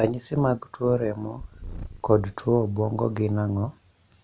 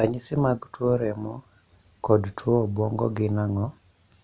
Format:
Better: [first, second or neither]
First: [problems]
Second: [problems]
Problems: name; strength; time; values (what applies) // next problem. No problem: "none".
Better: second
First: background sound (Purr); 16 dB below the speech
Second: none